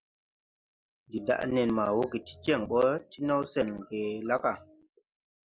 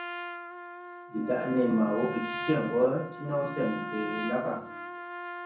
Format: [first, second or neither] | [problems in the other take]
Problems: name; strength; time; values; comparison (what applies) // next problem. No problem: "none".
first | background sound (Trumpet); 8 dB below the speech // room echo; dies away in 0.6 s